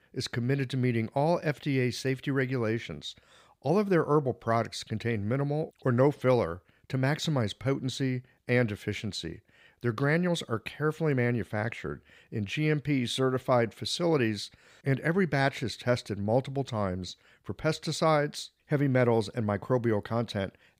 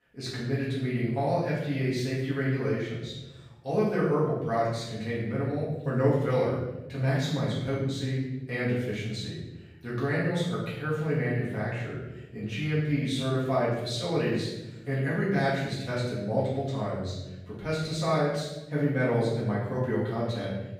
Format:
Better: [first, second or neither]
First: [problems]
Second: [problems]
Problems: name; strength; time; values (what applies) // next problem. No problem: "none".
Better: first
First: none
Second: off-mic speech; far // room echo; strong; dies away in 1 s